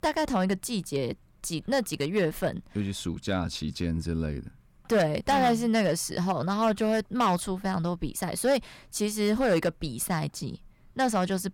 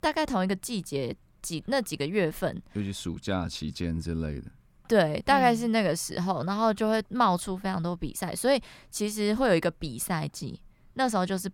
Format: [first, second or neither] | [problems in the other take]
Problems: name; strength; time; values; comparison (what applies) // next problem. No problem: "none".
second | distortion; slight; 3% of the sound clipped